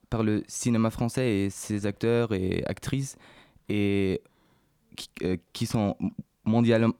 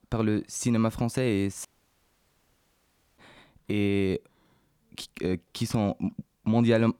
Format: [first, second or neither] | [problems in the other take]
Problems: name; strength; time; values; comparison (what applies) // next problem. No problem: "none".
first | audio cutting out; at 1.5 s for 1.5 s